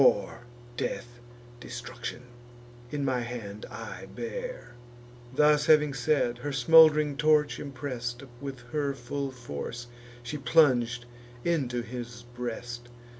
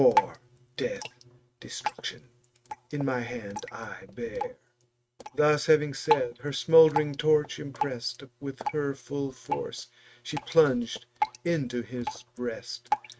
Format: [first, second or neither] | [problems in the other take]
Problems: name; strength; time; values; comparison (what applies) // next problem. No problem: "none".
first | noise reduction (neural mask model RNNoise)